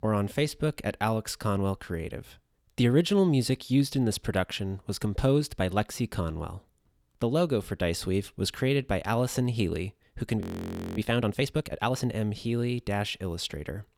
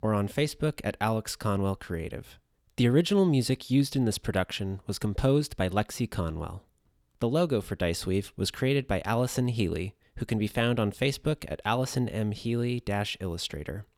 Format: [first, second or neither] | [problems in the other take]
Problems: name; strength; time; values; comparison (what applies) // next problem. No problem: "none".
second | audio freezing; at 10 s for 0.5 s